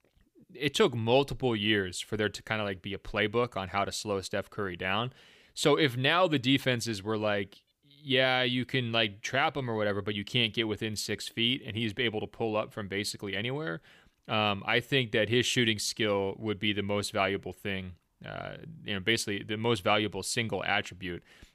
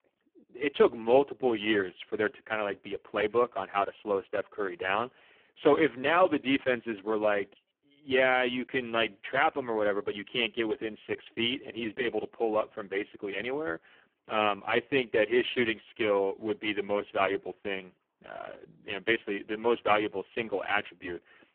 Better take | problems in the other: first | phone-call audio; poor line

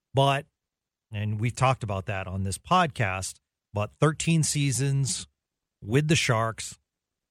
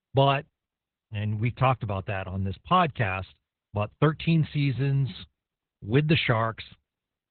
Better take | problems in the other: first | garbled, watery; badly; nothing above 4 kHz

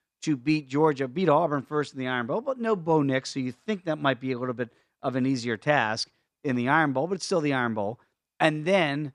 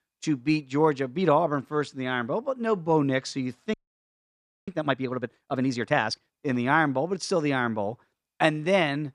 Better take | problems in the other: first | audio freezing; at 3.5 s for 1 s

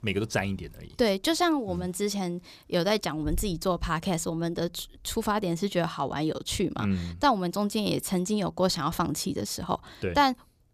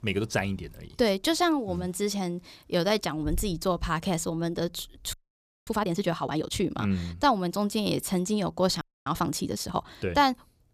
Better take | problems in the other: first | audio freezing; at 5 s for 0.5 s and at 9 s

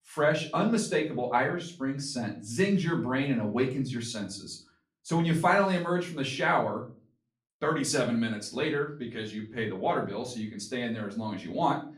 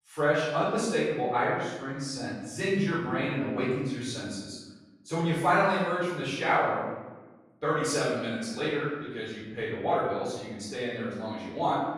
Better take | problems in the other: first | room echo; strong; dies away in 1 s; slight in the first // off-mic speech; far; far in the first

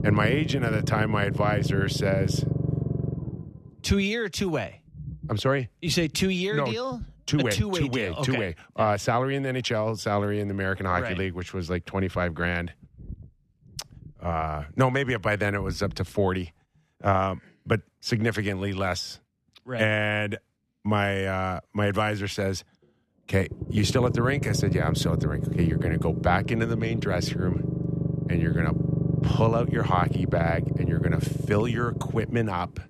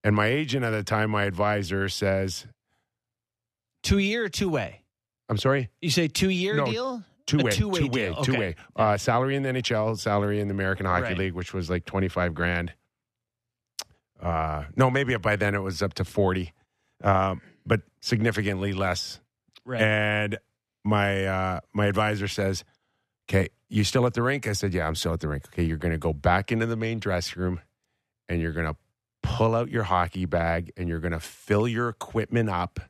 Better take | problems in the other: second | low rumble; loud; throughout; 9 dB below the speech

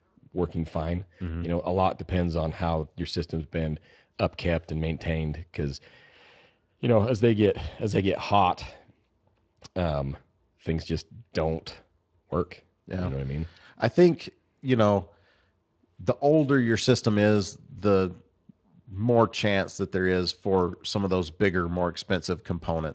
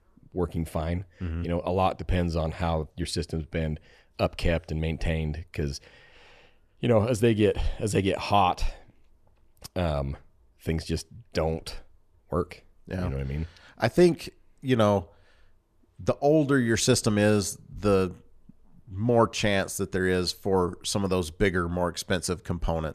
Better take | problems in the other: second | garbled, watery; slightly; nothing above 7.5 kHz

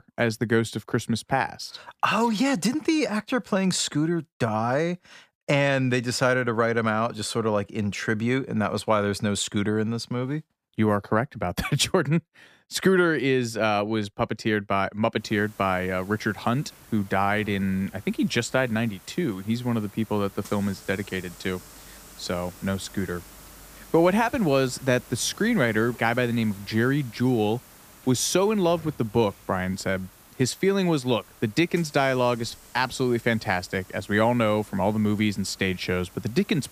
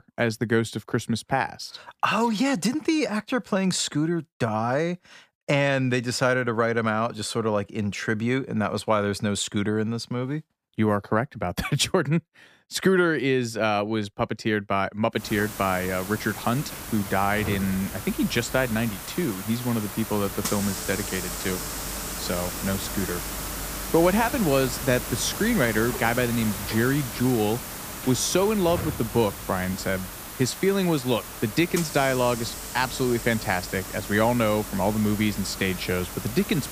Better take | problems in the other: first | hiss; loud; from 15 s on; 8 dB below the speech; faint in the first

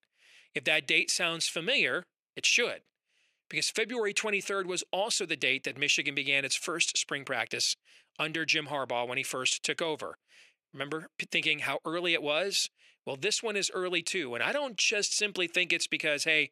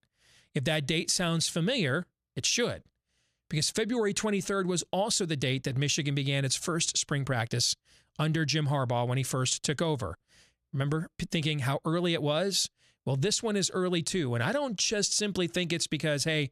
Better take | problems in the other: second | thin; somewhat; fading below 400 Hz

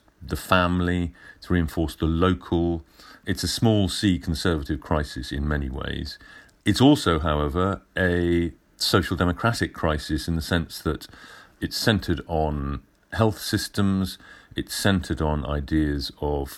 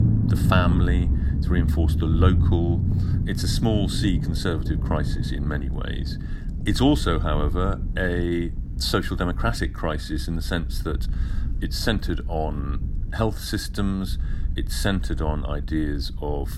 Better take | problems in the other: first | low rumble; noticeable; throughout; 10 dB below the speech

